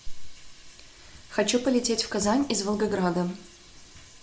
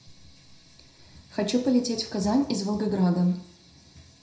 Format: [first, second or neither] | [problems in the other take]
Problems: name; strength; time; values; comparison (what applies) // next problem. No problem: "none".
first | room echo; dies away in 0.5 s